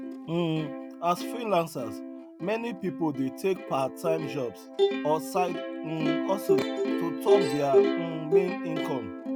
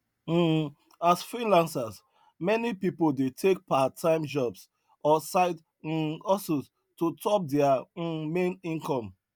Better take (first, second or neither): second